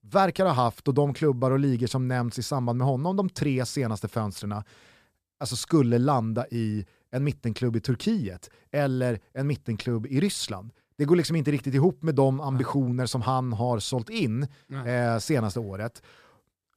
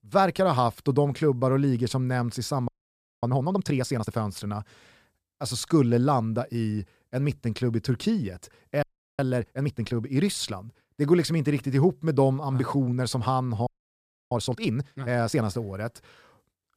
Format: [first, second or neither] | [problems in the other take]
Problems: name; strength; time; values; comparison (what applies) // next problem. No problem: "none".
first | audio freezing; at 2.5 s for 0.5 s, at 9 s and at 14 s for 0.5 s